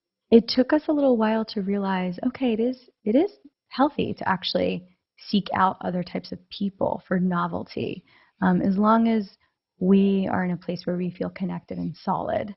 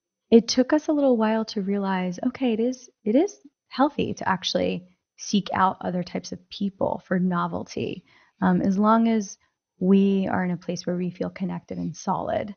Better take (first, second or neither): second